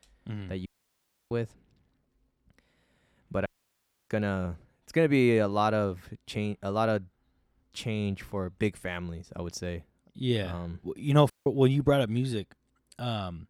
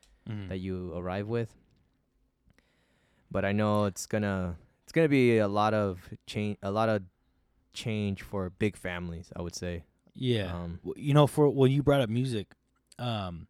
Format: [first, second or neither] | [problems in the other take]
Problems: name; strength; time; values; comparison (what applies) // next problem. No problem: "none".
second | audio cutting out; at 0.5 s for 0.5 s, at 3.5 s for 0.5 s and at 11 s